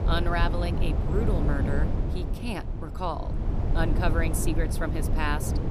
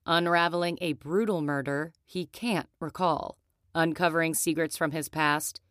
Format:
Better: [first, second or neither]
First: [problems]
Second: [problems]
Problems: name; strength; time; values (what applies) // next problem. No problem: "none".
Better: second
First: low rumble; loud; throughout; 6 dB below the speech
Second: none